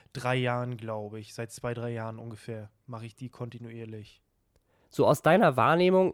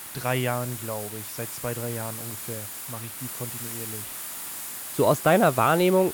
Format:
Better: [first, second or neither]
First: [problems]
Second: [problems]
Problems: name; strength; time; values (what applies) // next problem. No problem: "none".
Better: first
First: none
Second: hiss; loud; throughout; 9 dB below the speech